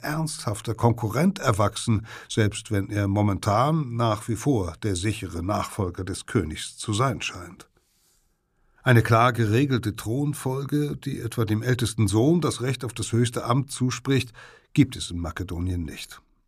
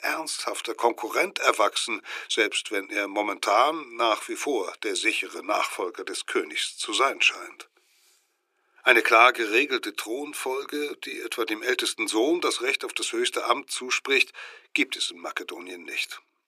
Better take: first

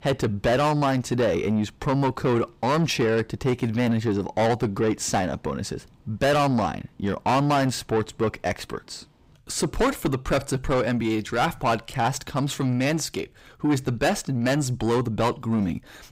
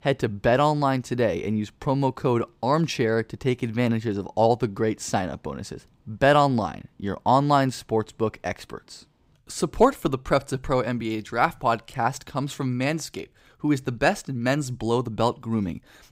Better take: second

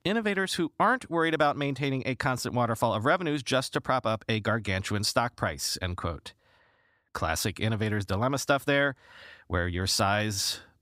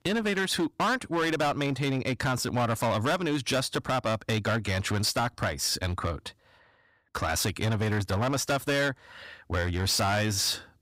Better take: first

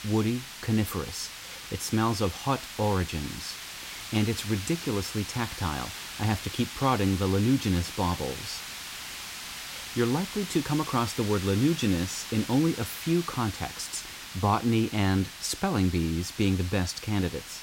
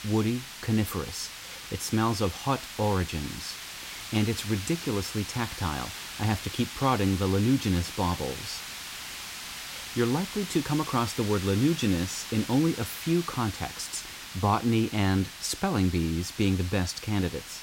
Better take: neither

